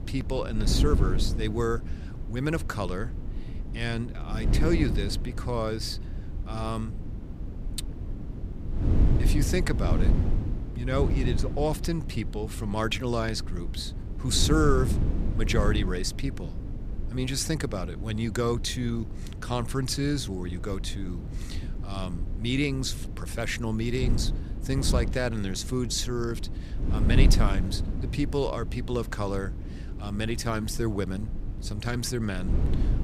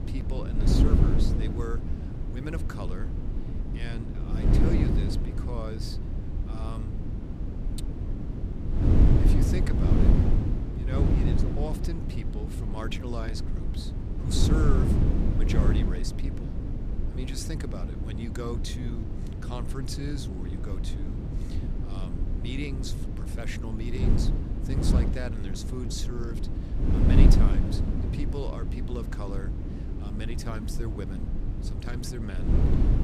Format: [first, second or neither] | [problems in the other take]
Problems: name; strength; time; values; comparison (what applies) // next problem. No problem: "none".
first | wind noise on the microphone; heavy; 1 dB above the speech; occasional gusts in the first